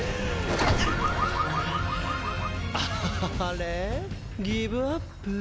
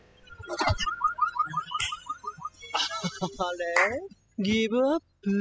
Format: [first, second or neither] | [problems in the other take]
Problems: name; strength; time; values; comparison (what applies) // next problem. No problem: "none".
first | noise reduction (classical method spectral subtraction)